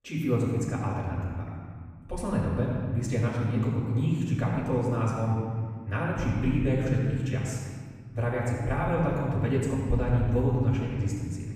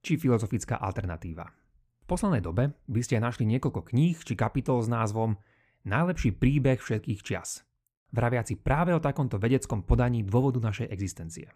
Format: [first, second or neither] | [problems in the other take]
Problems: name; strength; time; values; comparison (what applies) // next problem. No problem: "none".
second | off-mic speech; far // room echo; noticeable; dies away in 1.8 s